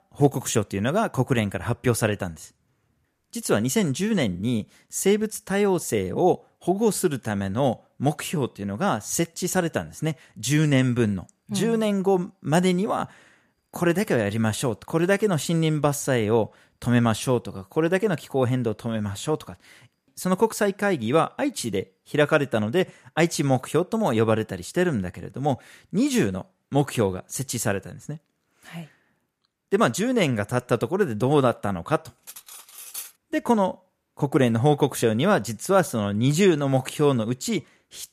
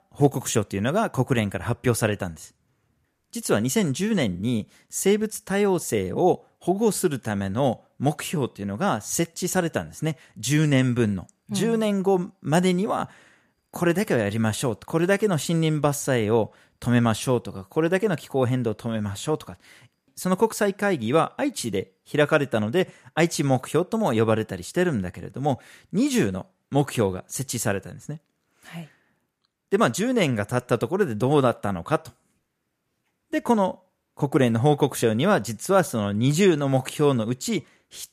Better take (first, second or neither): second